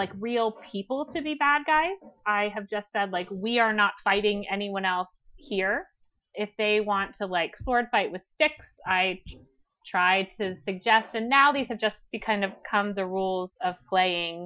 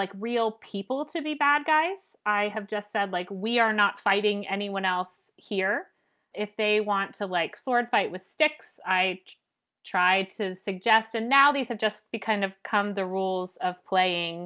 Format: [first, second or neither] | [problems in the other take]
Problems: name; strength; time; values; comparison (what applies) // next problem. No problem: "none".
second | noise reduction (classical method Wiener filter)